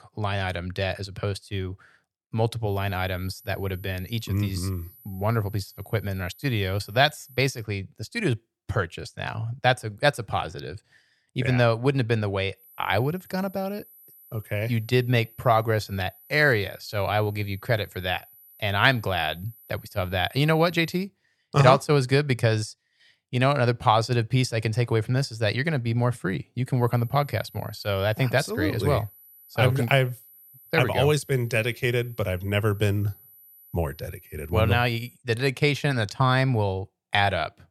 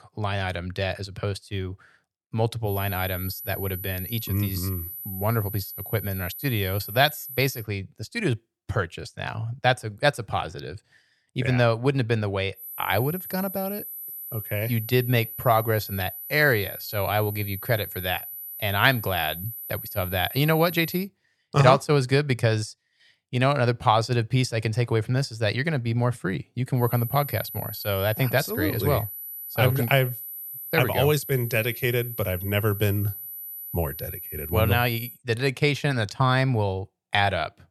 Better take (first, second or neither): first